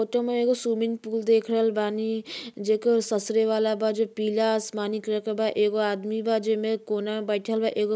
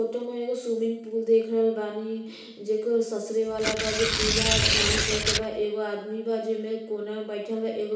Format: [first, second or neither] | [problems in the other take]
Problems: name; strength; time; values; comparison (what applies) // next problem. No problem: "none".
first | background sound (Tearing); 3 dB above the speech // room echo; dies away in 0.8 s